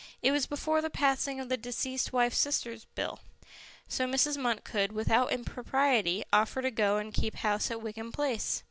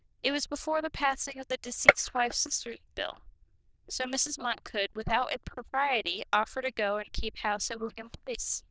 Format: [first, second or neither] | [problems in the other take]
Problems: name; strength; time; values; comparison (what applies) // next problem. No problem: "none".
first | noise reduction (neural diffusion model UNIVERSE++)